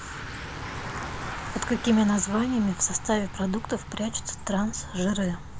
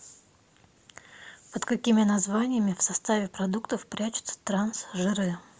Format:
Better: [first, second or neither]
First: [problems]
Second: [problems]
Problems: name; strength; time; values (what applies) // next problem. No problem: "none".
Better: second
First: background sound (Bicycle); 9 dB below the speech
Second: none